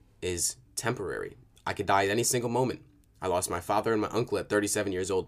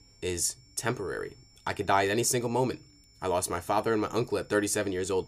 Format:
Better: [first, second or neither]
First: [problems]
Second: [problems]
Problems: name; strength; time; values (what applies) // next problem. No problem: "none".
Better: first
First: none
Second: high-pitched whine; faint; throughout; 5.5 kHz, 30 dB below the speech